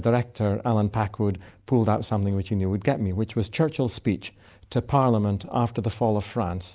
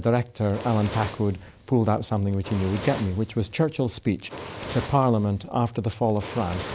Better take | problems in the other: first | background sound (Fire); 14 dB below the speech

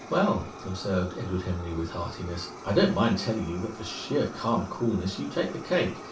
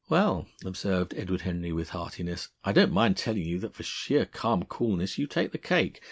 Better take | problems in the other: second | background sound (Fire); 14 dB below the speech // room echo; dies away in 0.3 s

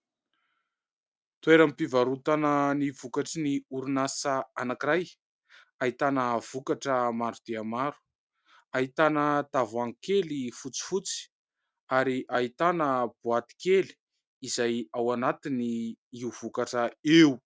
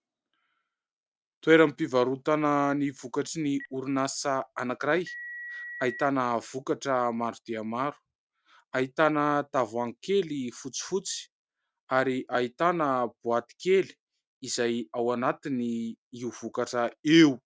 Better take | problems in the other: first | background sound (Telephone); 15 dB below the speech

